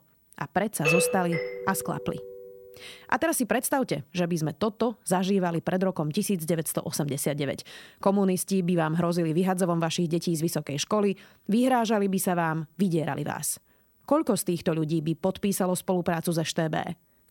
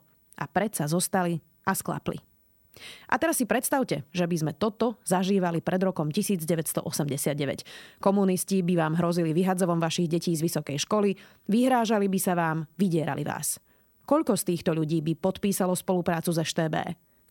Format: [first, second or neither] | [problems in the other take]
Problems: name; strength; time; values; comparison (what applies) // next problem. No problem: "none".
second | doorbell; loud; from 1 to 2 s; peak 3 dB above the speech